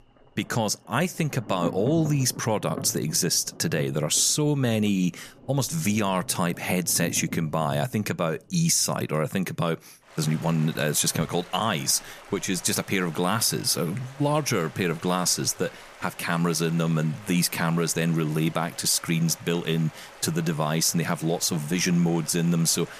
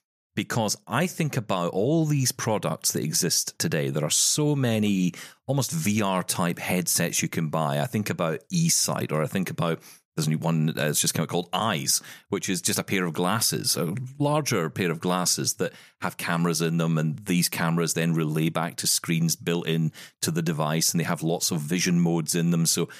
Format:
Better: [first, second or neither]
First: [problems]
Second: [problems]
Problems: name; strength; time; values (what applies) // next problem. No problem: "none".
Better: second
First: rain or running water; noticeable; throughout; 20 dB below the speech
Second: none